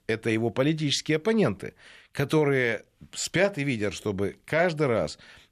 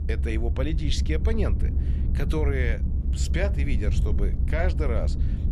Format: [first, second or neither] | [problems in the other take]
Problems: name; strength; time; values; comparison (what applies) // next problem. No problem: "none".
first | low rumble; loud; throughout; 9 dB below the speech